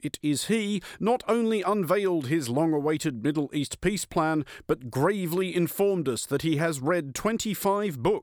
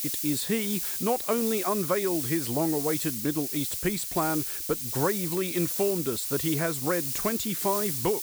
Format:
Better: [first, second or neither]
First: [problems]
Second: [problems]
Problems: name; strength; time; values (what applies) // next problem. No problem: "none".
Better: first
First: none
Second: hiss; loud; throughout; 1 dB below the speech